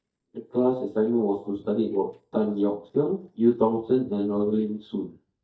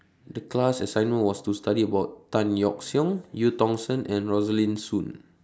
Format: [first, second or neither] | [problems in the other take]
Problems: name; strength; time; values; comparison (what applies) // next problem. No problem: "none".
second | noise reduction (neural mask model DeepFilterNet 3)